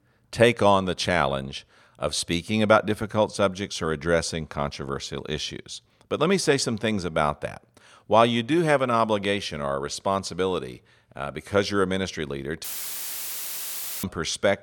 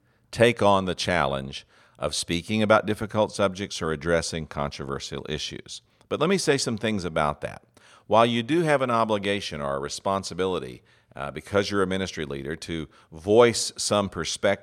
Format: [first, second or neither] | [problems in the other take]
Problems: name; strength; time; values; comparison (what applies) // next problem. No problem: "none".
second | audio cutting out; filled with static; at 13 s for 1.5 s